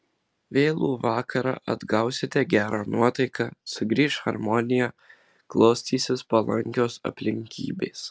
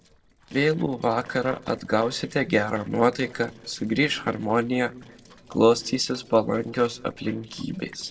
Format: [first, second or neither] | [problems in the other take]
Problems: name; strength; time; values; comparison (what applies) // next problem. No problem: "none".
first | noise reduction (neural separator model SepFormer DNS4)